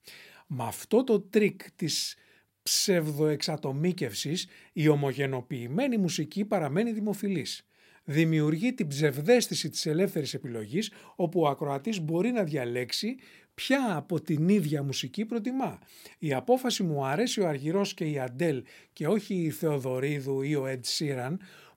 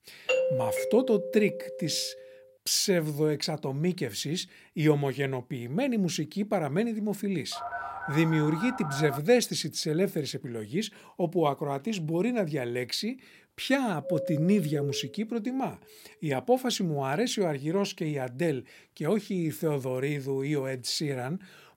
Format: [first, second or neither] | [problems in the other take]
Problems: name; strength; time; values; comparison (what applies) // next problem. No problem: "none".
first | doorbell; loud; until 2 s; peak 2 dB above the speech // phone ringing; noticeable; from 7.5 to 9 s; peak 7 dB below the speech // doorbell; noticeable; from 14 to 15 s; peak 4 dB below the speech